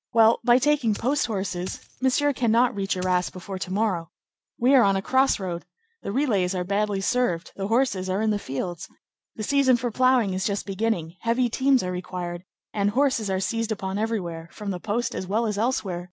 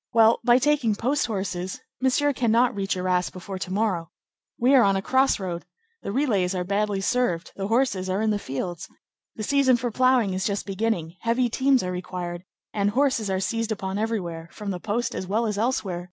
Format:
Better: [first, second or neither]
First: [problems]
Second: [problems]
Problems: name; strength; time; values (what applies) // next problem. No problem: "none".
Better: second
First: background sound (Coin (dropping)); 20 dB below the speech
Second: none